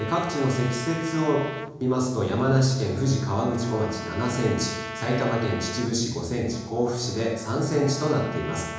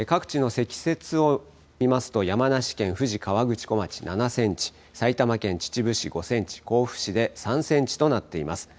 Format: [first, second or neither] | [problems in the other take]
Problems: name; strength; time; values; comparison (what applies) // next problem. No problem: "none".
second | background sound (Trumpet); 13 dB below the speech // room echo; dies away in 1 s